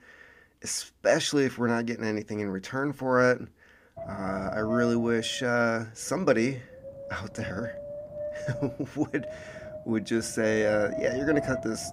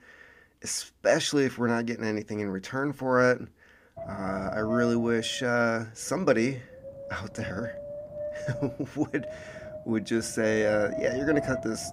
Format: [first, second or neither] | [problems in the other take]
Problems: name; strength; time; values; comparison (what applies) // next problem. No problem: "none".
neither | wind noise on the microphone; heavy; from 4 s on; 9 dB below the speech; the same in both